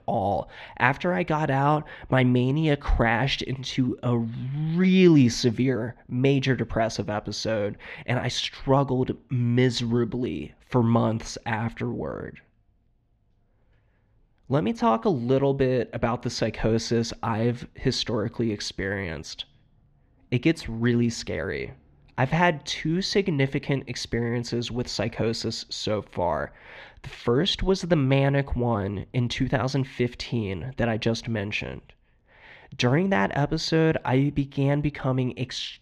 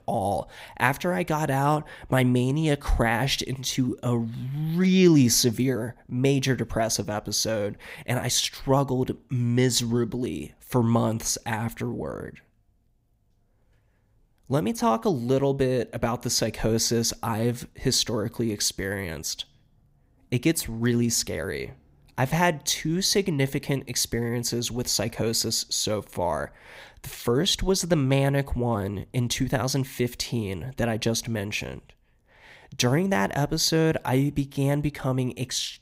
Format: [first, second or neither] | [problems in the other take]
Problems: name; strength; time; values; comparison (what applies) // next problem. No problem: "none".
second | muffled; slightly; fading above 3 kHz